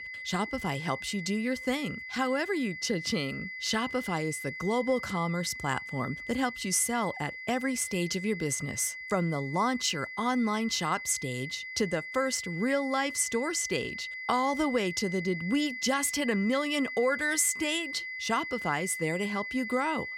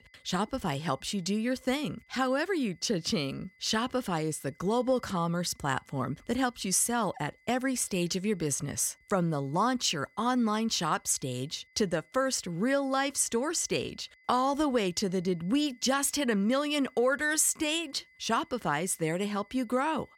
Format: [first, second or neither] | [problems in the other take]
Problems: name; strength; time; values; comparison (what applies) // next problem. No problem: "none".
second | high-pitched whine; loud; throughout; 2 kHz, 8 dB below the speech; faint in the second